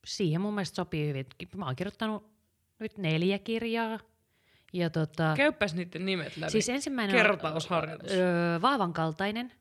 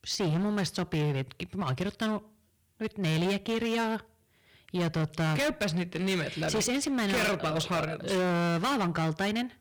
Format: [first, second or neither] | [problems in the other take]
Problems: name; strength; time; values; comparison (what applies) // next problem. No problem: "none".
first | distortion; heavy; 22% of the sound clipped